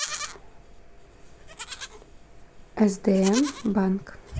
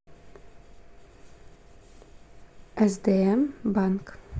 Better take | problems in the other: second | background sound (Livestock, farm animals, working animals); 12 dB below the speech

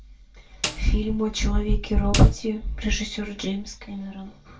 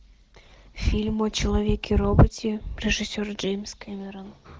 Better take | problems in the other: second | background sound (Snare drum); 13 dB below the speech // room echo; dies away in 0.2 s

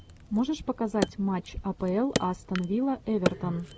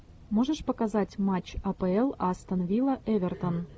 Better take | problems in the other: second | background sound (Wood); 7 dB below the speech

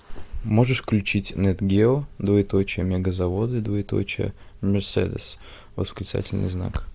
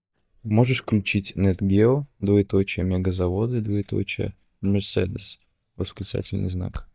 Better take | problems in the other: first | noise reduction (neural mask model DeepFilterNet 3)

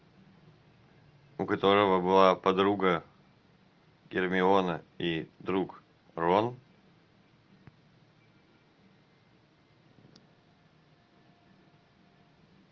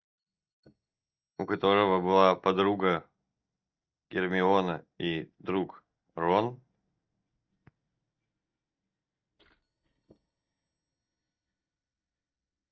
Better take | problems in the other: first | noise reduction (neural mask model DeepFilterNet 3)

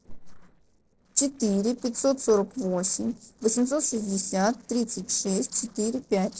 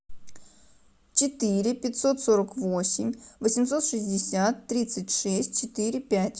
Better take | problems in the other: second | noise reduction (neural separator model SepFormer DNS4)

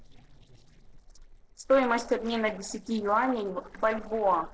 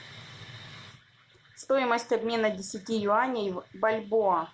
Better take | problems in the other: second | noise reduction (neural separator model SepFormer DNS4)

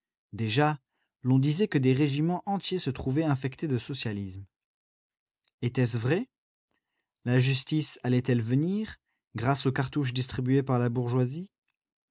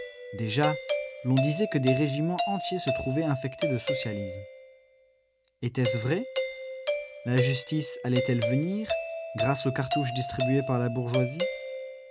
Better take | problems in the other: first | background sound (Doorbell); 3 dB below the speech

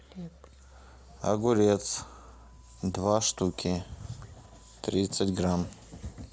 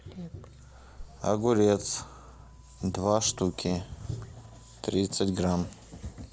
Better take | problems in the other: first | background sound (Tap); 18 dB below the speech

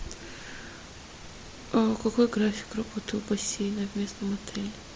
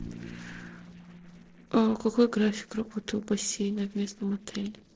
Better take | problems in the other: first | noise reduction (neural separator model SepFormer DNS4)

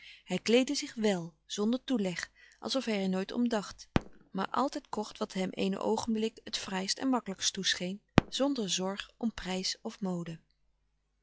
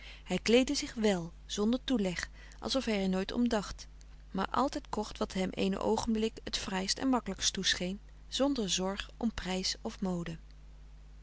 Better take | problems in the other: second | noise reduction (classical method log-MMSE)

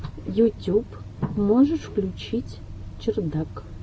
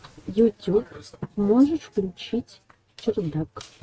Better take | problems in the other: first | noise reduction (neural mask model RNNoise)

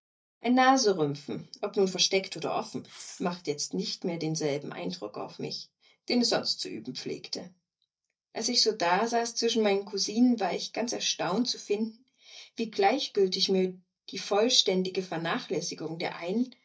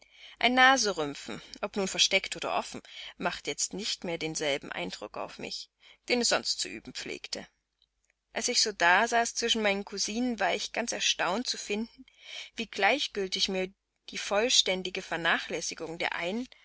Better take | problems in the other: second | noise reduction (neural mask model DeepFilterNet 3)

